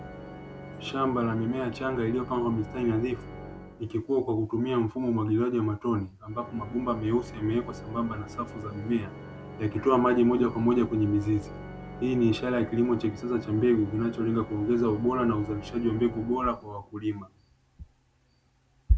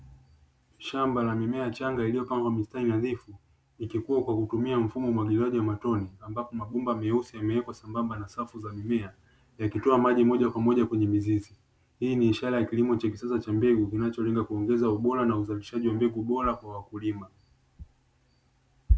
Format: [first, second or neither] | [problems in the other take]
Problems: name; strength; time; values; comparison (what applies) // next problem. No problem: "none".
second | background sound (Organ); 14 dB below the speech